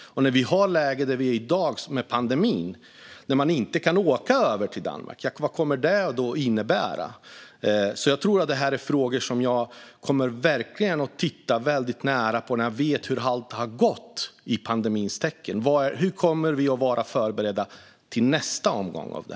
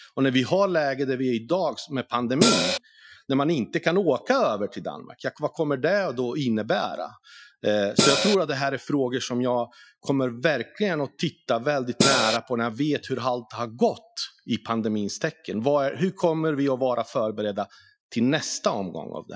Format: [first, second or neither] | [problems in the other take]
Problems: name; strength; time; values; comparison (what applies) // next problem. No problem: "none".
first | noise reduction (classical method Wiener filter)